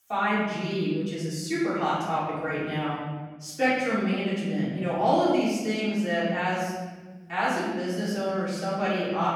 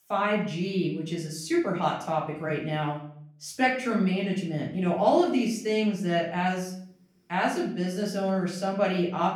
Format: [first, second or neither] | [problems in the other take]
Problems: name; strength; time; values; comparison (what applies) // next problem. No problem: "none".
second | room echo; strong; dies away in 1.4 s; slight in the second // off-mic speech; far; far in the second